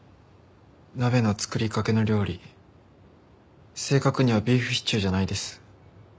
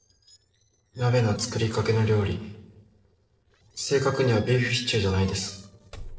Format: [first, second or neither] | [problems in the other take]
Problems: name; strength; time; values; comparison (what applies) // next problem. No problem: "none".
first | noise reduction (neural separator model SepFormer DNS4)